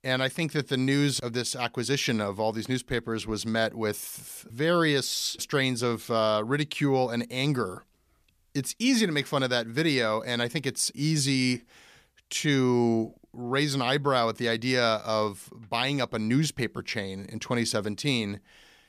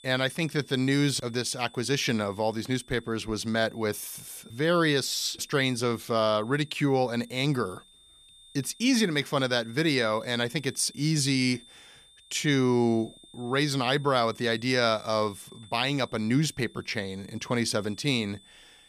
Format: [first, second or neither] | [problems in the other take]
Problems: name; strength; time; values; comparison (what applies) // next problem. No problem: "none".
first | high-pitched whine; faint; throughout; 3.5 kHz, 25 dB below the speech